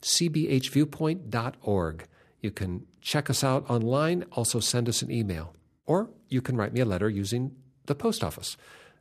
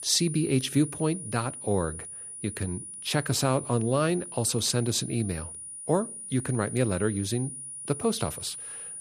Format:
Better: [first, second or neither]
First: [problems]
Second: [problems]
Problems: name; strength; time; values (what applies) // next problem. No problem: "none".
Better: first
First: none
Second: high-pitched whine; loud; throughout; 9.5 kHz, 9 dB below the speech